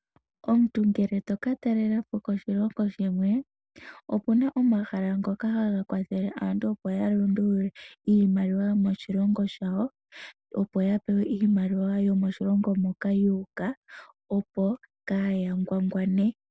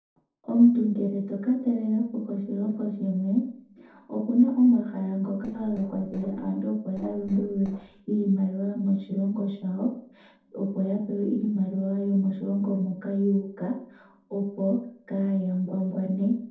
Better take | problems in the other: first | noise reduction (neural separator model SepFormer DNS4)

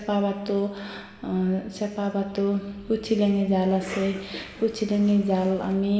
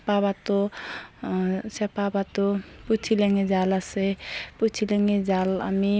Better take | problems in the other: second | background sound (Cough); 17 dB below the speech // room echo; dies away in 1.2 s

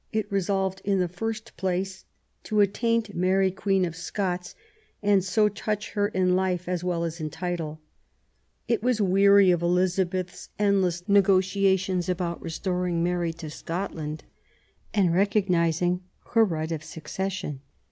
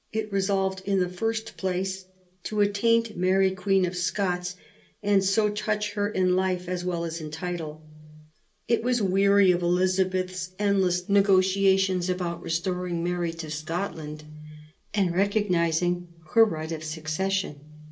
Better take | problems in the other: first | room echo; dies away in 0.2 s

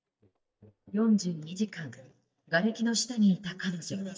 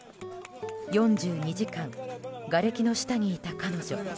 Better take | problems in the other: second | noise reduction (neural mask model DeepFilterNet 3)

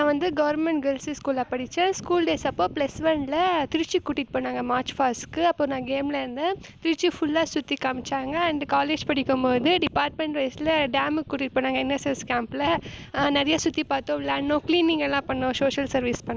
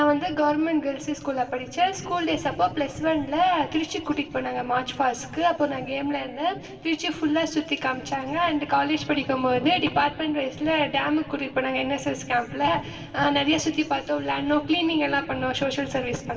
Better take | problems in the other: first | room echo; dies away in 1.9 s

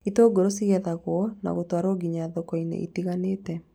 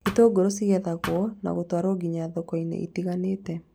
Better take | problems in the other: first | background sound (Thump, thud); 11 dB below the speech

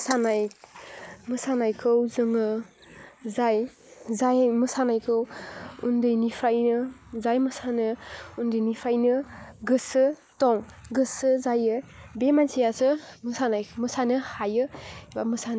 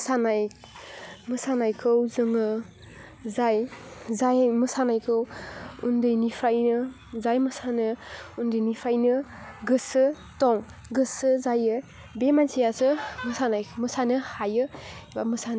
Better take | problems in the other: second | noise reduction (neural mask model Resemble Enhance denoiser)

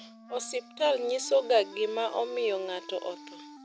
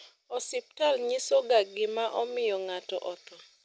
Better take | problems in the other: second | background sound (Wind instrument, woodwind instrument); 18 dB below the speech

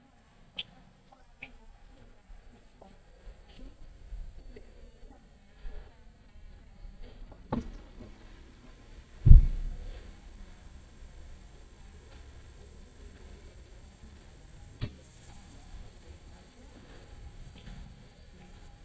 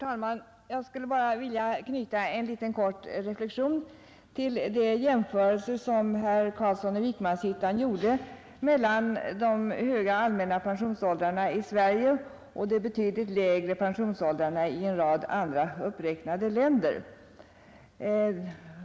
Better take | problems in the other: second | noise reduction (neural mask model DeepFilterNet 3)

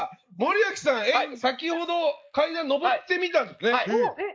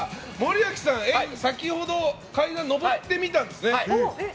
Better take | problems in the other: second | noise reduction (neural mask model Resemble Enhance denoiser)

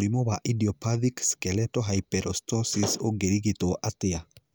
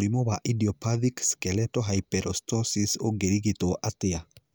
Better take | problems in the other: second | background sound (Slam / Wood); 9 dB below the speech

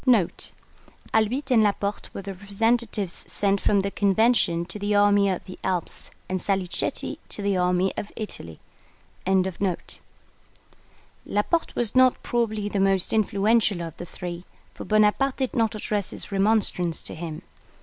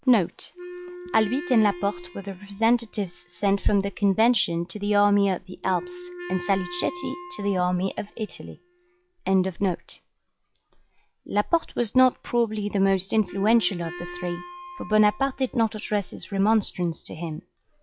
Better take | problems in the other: first | noise reduction (classical method log-MMSE)

